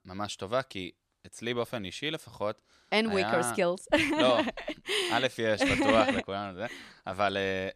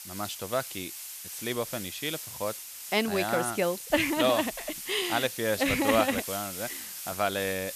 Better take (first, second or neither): first